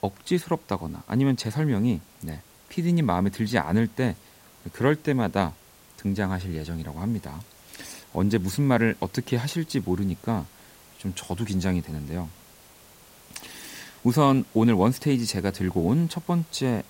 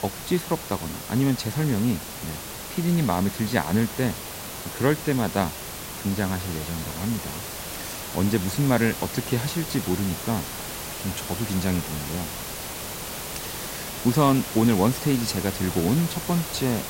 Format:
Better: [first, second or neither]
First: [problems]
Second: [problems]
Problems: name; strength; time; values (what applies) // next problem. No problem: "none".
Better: first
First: hiss; faint; throughout; 25 dB below the speech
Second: hiss; loud; throughout; 7 dB below the speech